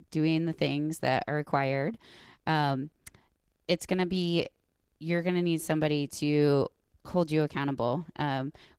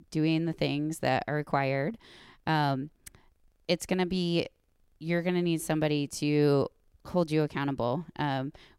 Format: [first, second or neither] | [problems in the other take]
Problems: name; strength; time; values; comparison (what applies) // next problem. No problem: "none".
second | garbled, watery; slightly; nothing above 16 kHz